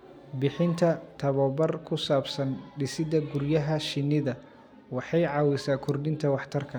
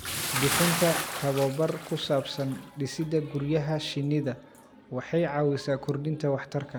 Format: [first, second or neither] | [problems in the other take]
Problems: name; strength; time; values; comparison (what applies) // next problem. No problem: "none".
first | background sound (Bathtub (filling or washing) / Splash, splatter); 7 dB below the speech